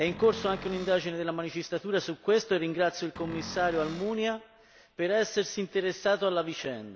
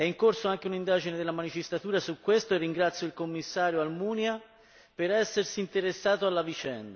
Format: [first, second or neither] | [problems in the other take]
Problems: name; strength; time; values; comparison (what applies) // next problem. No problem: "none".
second | background sound (Cupboard open or close); 14 dB below the speech